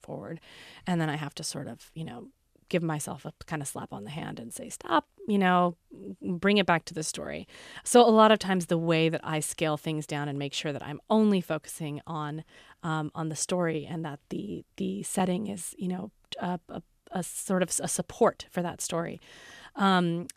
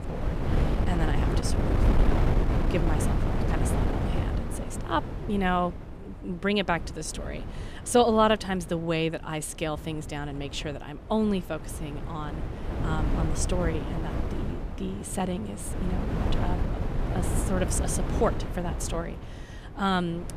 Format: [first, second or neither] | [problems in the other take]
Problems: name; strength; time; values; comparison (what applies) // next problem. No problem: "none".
first | wind noise on the microphone; heavy; 7 dB below the speech